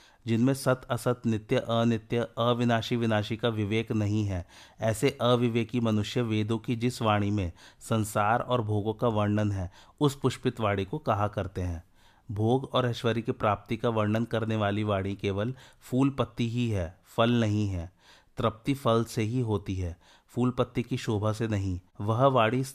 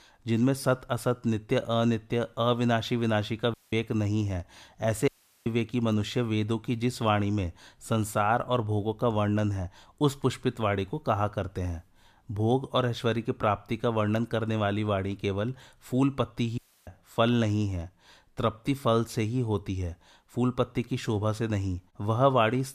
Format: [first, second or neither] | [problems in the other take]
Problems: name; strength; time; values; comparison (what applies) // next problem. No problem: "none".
first | audio cutting out; at 3.5 s, at 5 s and at 17 s